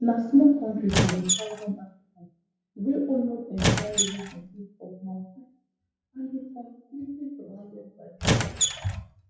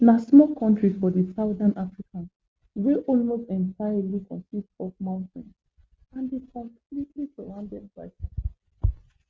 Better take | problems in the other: second | noise reduction (classical method WPE with log-MMSE)

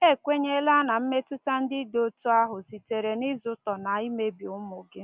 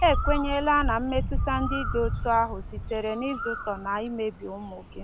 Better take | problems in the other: first | background sound (Bird); 3 dB below the speech

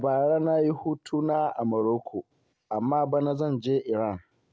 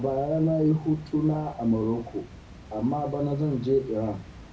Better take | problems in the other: first | background sound (Water); 19 dB below the speech // room echo; dies away in 0.4 s

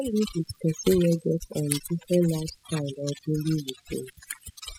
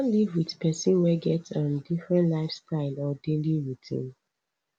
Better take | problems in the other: second | noise reduction (classical method spectral subtraction)

